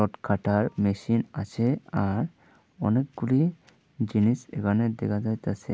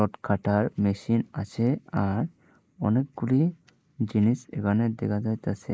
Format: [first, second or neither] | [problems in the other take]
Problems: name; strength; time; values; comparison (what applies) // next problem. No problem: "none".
first | noise reduction (neural mask model Resemble Enhance denoiser)